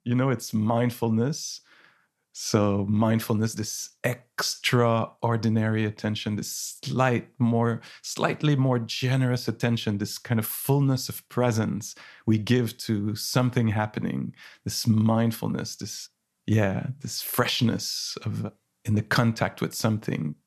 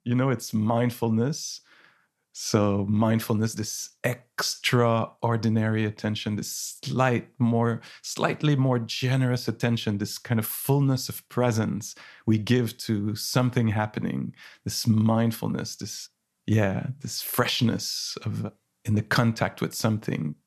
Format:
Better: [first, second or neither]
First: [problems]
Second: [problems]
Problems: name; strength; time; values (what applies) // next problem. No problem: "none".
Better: neither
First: none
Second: none